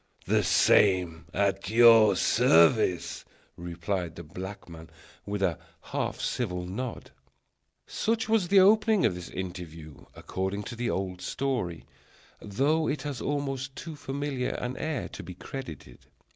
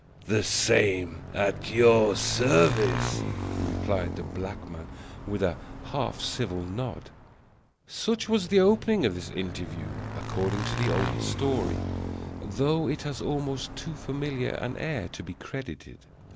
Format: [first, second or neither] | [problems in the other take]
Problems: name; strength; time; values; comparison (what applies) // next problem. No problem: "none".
first | background sound (Motorcycle / Engine); 7 dB below the speech